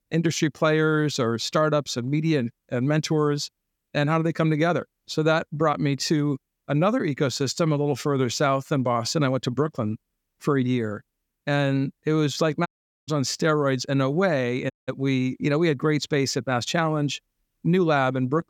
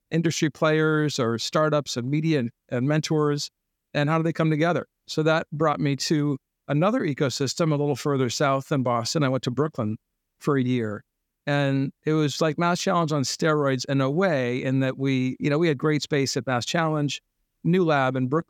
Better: second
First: audio cutting out; at 13 s and at 15 s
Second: none

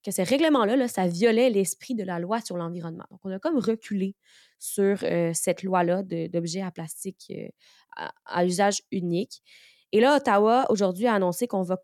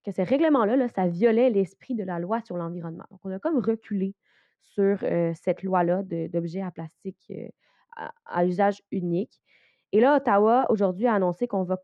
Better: first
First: none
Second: muffled; very; fading above 1.5 kHz

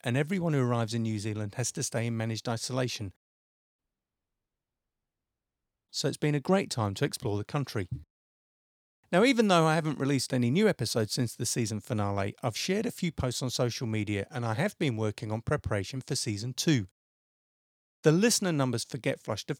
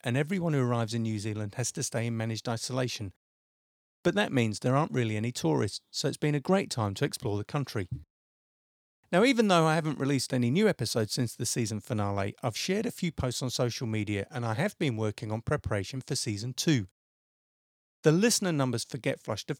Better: second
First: audio cutting out; at 4 s for 2 s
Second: none

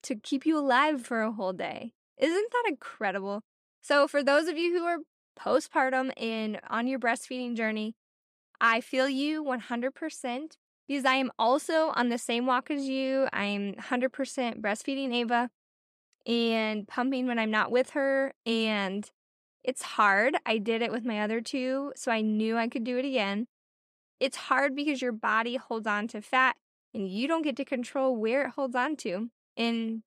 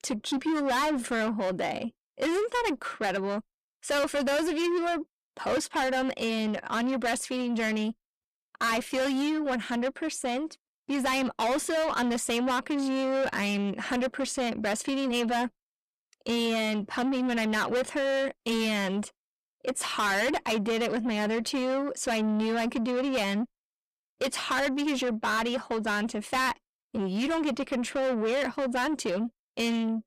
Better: first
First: none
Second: distortion; heavy; 6 dB below the speech

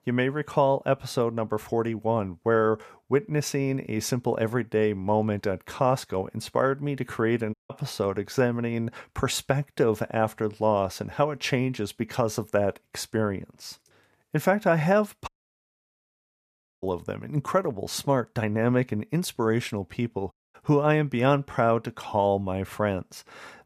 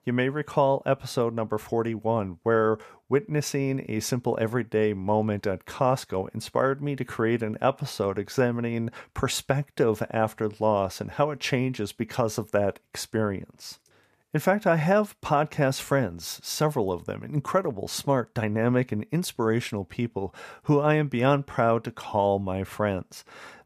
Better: second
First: audio cutting out; at 7.5 s, at 15 s for 1.5 s and at 20 s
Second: none

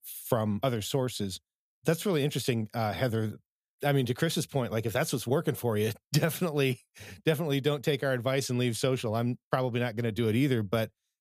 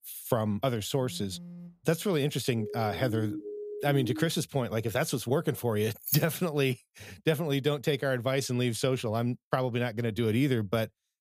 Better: first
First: none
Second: phone ringing; faint; at 1 s; peak 15 dB below the speech // siren; noticeable; from 2.5 to 4.5 s; peak 7 dB below the speech // jangling keys; noticeable; at 6 s; peak 2 dB below the speech

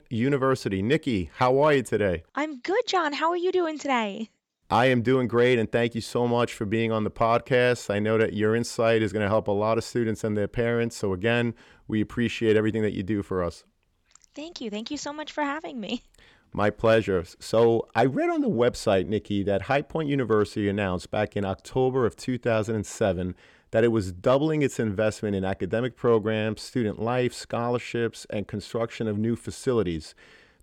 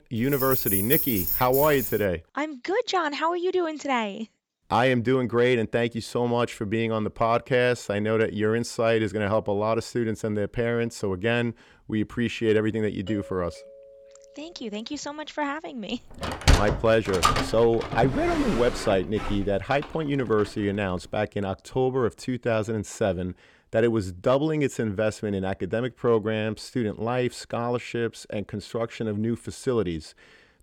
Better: first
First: none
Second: jangling keys; loud; until 2 s; peak 4 dB above the speech // doorbell; faint; from 13 to 15 s; peak 15 dB below the speech // door banging; loud; from 16 to 20 s; peak 4 dB above the speech

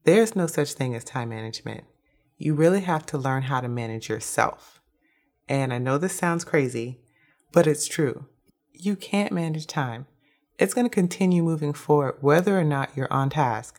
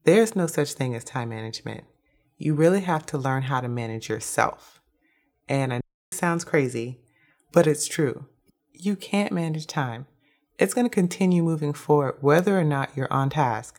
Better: first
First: none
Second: audio cutting out; at 6 s

